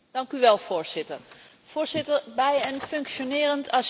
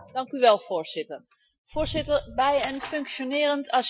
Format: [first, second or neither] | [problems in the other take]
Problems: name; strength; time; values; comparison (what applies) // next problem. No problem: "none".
first | noise reduction (classical method Wiener filter)